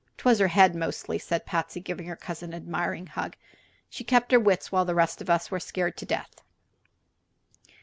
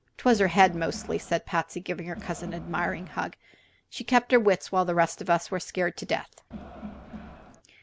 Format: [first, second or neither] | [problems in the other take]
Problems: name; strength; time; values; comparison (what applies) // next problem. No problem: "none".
first | background sound (Crowd); 14 dB below the speech